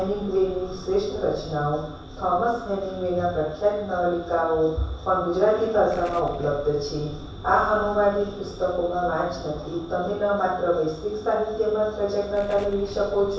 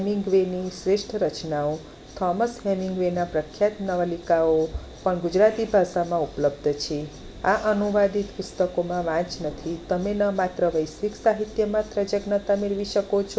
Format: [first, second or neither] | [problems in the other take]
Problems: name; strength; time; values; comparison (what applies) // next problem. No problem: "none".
second | background sound (Explosion); 20 dB below the speech // room echo; dies away in 0.7 s